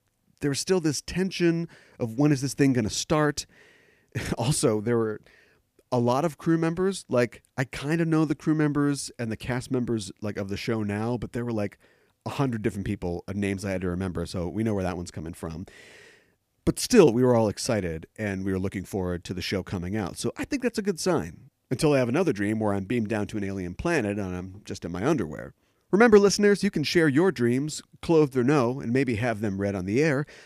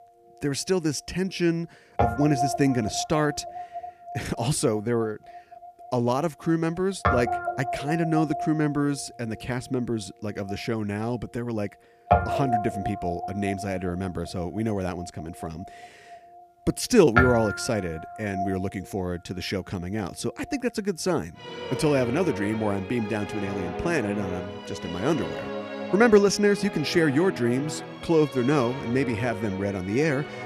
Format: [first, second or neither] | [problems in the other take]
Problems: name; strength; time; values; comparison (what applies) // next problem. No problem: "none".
first | background music; loud; throughout; 6 dB below the speech